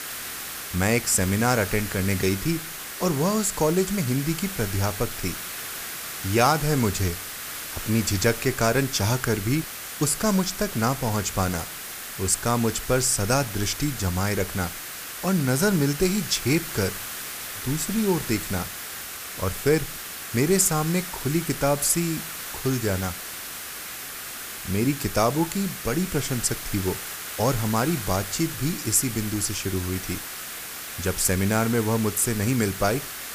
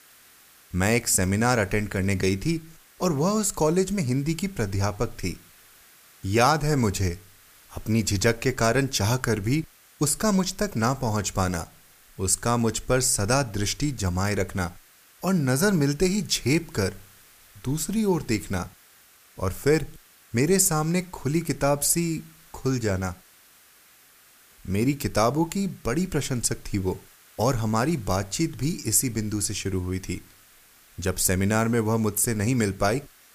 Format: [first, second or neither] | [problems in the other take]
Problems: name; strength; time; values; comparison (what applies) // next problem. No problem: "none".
second | hiss; loud; throughout; 8 dB below the speech; faint in the second